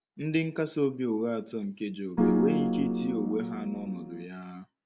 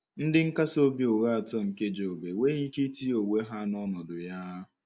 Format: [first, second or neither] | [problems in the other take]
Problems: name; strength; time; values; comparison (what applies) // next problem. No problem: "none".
second | background sound (Piano); 4 dB above the speech